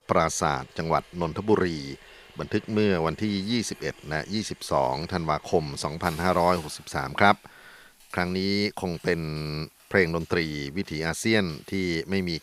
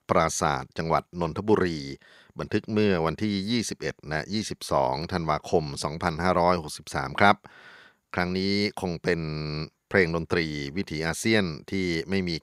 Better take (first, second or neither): second